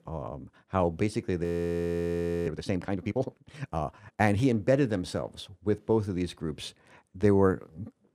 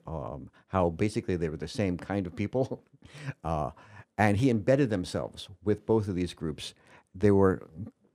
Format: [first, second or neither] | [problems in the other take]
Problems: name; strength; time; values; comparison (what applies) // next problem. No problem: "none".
second | audio freezing; at 1.5 s for 1 s